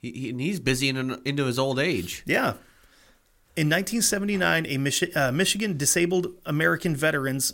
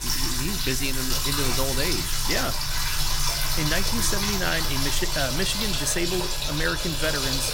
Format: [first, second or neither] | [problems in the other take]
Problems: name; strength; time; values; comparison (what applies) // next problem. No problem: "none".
first | household noises; very loud; throughout; 3 dB above the speech